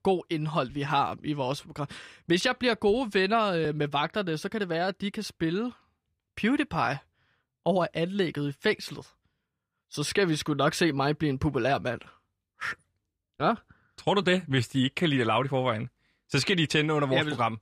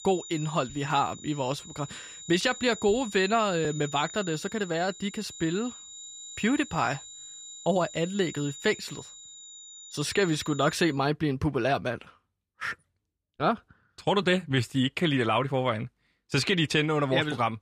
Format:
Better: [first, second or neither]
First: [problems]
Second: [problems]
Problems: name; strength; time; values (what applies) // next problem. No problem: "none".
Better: first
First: none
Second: high-pitched whine; noticeable; until 11 s; 7 kHz, 15 dB below the speech